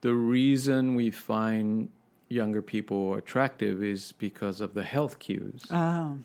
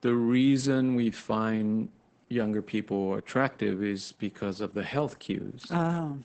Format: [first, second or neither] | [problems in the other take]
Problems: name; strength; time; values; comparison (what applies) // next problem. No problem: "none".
first | garbled, watery; badly; nothing above 8 kHz; slightly in the first